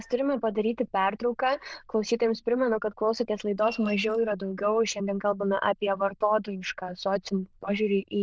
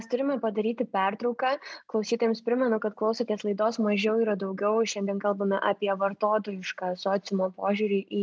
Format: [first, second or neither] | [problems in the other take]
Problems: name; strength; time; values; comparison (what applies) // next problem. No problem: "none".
second | noise reduction (neural diffusion model UNIVERSE++)